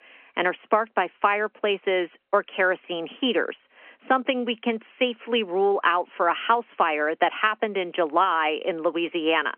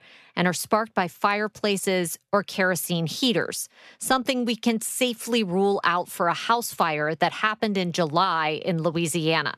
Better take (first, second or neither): second